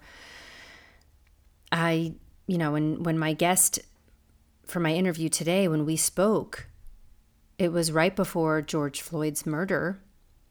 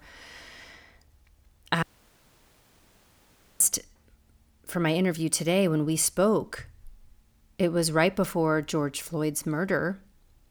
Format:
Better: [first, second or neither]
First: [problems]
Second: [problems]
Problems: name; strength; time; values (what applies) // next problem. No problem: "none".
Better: first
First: none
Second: audio cutting out; at 2 s for 2 s